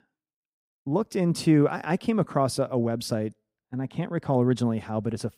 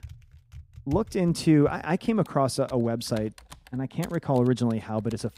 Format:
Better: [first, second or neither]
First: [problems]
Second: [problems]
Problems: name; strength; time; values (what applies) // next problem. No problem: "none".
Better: first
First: none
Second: household noises; faint; throughout; 20 dB below the speech